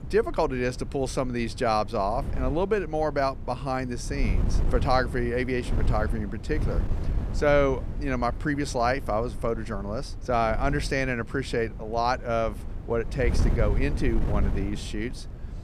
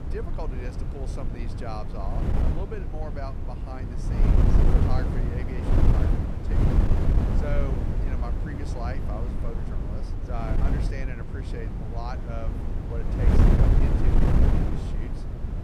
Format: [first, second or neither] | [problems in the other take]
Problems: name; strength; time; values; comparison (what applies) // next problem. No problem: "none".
first | wind noise on the microphone; heavy; 3 dB above the speech; occasional gusts in the first